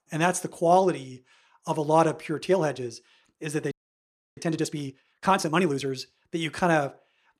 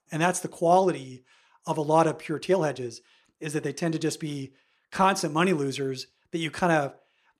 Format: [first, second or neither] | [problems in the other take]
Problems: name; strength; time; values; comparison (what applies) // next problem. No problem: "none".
second | audio freezing; at 3.5 s for 0.5 s